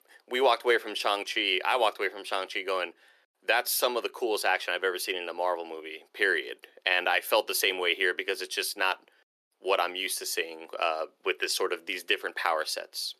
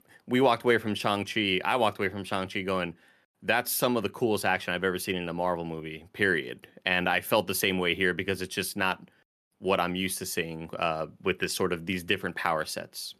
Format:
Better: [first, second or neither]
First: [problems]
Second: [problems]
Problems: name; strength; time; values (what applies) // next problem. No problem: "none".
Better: second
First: thin; very; fading below 350 Hz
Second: none